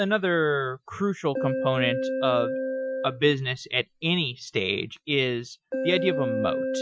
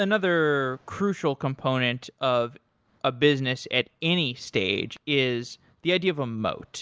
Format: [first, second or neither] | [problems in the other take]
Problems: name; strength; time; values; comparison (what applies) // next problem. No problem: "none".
second | noise reduction (classical method Wiener filter)